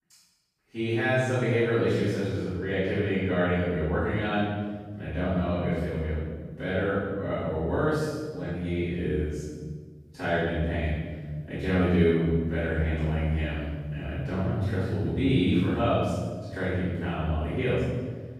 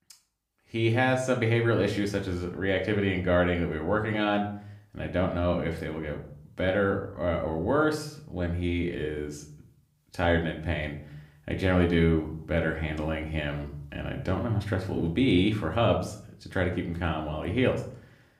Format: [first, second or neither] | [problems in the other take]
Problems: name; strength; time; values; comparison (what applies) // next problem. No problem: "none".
second | room echo; strong; dies away in 1.4 s; slight in the second // off-mic speech; far; somewhat distant in the second